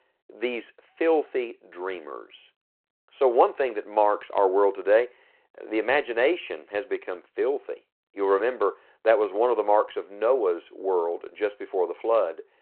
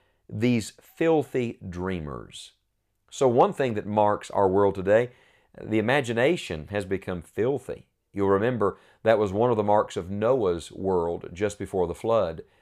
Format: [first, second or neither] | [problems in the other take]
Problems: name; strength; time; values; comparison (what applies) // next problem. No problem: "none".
second | phone-call audio